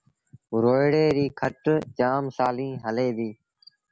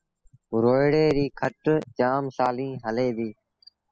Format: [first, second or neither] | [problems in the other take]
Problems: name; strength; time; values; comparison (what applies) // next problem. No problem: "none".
first | noise reduction (classical method spectral subtraction)